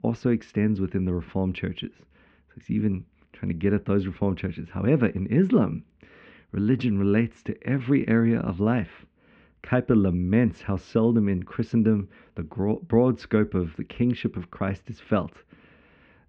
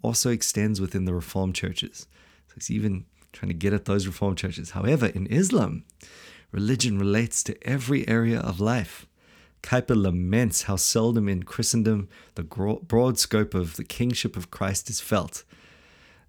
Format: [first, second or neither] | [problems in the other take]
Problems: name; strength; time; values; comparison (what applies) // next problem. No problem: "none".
second | muffled; very; fading above 2.5 kHz